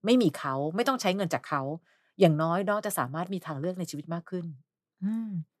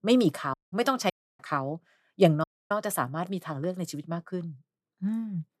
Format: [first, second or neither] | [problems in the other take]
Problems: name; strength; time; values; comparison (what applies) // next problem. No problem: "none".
first | audio cutting out; at 0.5 s, at 1 s and at 2.5 s